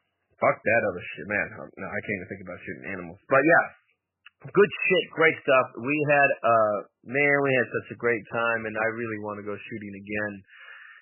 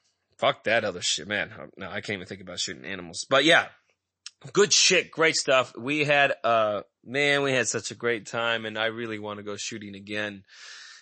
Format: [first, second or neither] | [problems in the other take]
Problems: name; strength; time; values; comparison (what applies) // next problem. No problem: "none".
second | garbled, watery; badly; nothing above 3 kHz; slightly in the second